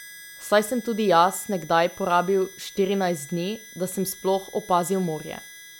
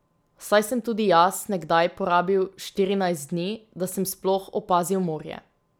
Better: second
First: background sound (Harmonica); 20 dB below the speech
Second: none

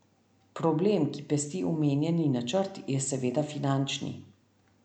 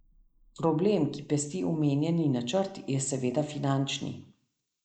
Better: first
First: none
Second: noise reduction (neural mask model Resemble Enhance denoiser)

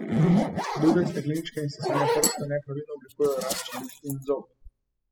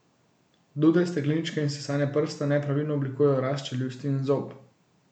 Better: second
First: noise reduction (classical method spectral subtraction)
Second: none

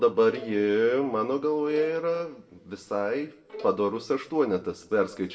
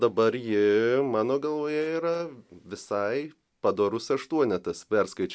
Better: second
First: background sound (Bowed string instrument); 20 dB below the speech // room echo; dies away in 0.7 s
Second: none

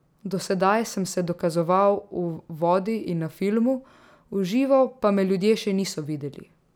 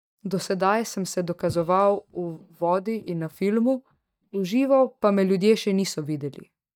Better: first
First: none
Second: noise reduction (neural mask model DeepFilterNet 3)

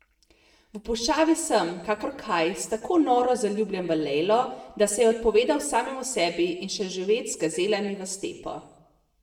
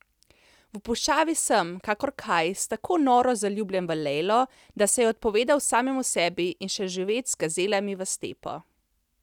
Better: second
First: room echo; dies away in 0.8 s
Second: none

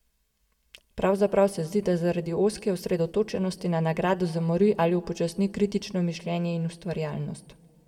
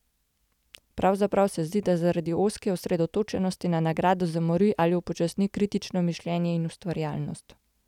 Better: second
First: room echo; dies away in 1.1 s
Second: none

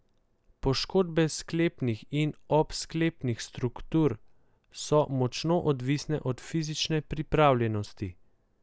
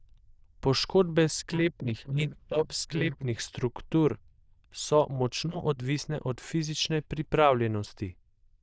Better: first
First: none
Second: noise reduction (neural diffusion model UNIVERSE++)

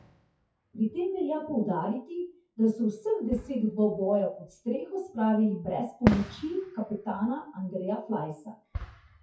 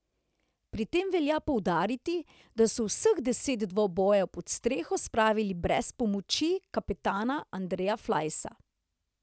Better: second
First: noise reduction (classical method WPE with log-MMSE)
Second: none

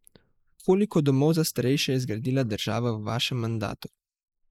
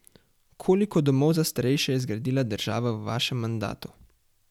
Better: second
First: noise reduction (neural mask model Resemble Enhance denoiser)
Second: none

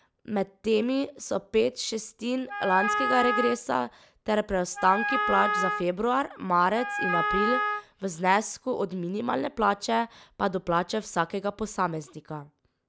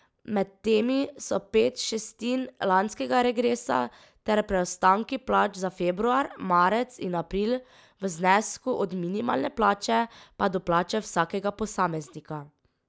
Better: second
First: background sound (Wind instrument, woodwind instrument); 1 dB below the speech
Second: none

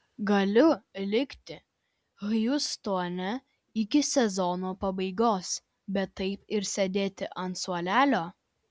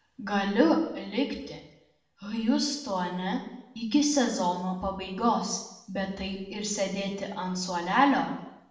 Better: first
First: none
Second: room echo; dies away in 0.8 s

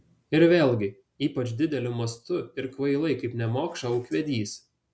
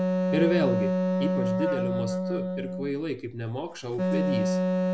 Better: first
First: none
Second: background sound (Wind instrument, woodwind instrument); 5 dB above the speech

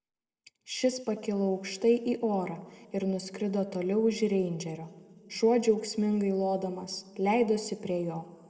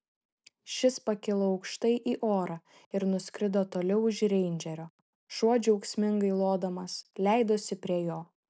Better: second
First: room echo; dies away in 1.2 s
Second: none

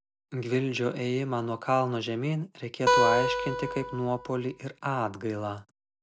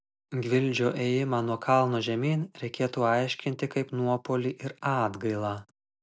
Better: second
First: background sound (Acoustic guitar); 2 dB above the speech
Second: none

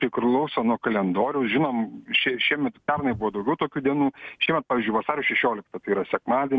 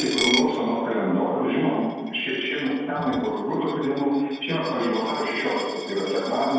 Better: first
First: none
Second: background sound (Coin (dropping)); 10 dB below the speech // room echo; dies away in 1.2 s

